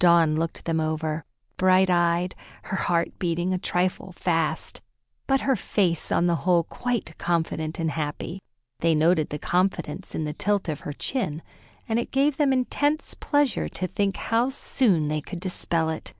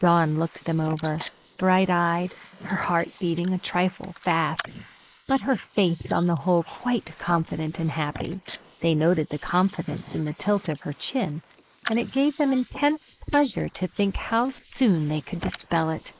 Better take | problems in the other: first | noise reduction (neural mask model Resemble Enhance denoiser)

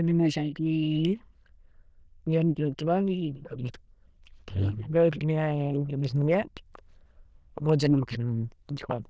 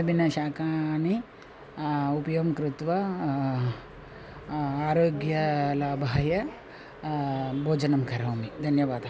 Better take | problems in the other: second | noise reduction (neural diffusion model UNIVERSE++)

